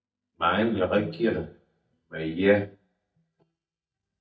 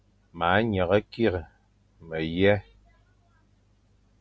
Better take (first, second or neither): second